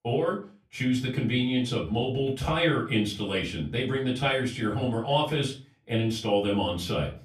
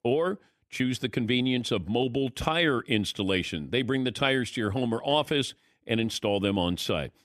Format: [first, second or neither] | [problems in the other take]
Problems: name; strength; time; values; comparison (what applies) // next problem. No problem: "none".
second | off-mic speech; far // room echo; slight; dies away in 0.3 s